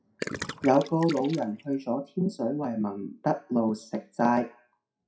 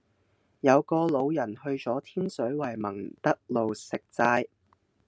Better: second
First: noise reduction (classical method WPE with log-MMSE)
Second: none

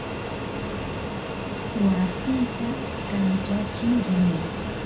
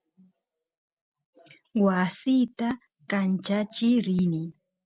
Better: second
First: background sound (Fixed-wing aircraft, airplane); 4 dB below the speech // room echo; dies away in 0.5 s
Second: none

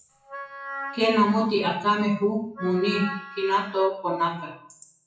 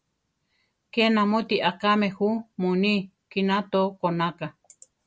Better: second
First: noise reduction (classical method WPE with log-MMSE)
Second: none

